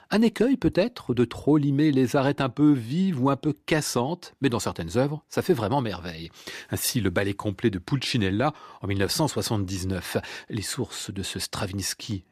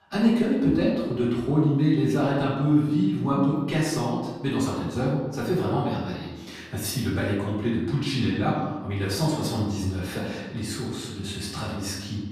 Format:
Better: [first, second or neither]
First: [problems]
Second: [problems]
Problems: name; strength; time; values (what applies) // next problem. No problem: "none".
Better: first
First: none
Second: off-mic speech; far // room echo; noticeable; dies away in 1.1 s